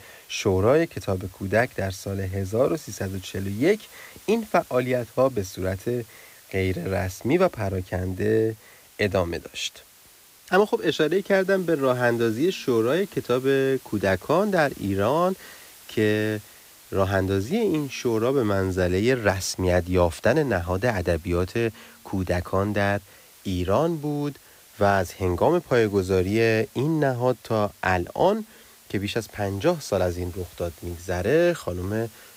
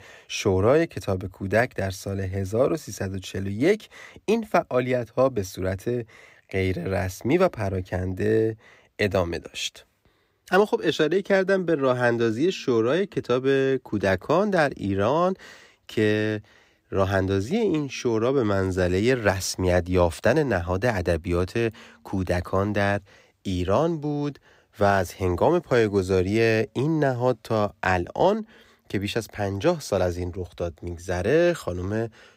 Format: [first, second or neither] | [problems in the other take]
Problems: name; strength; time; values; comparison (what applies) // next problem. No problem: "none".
second | hiss; faint; throughout; 25 dB below the speech